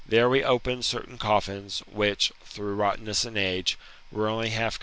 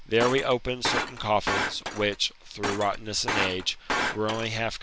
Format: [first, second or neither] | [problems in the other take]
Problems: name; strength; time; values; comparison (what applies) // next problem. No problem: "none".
first | background sound (Shatter); 4 dB below the speech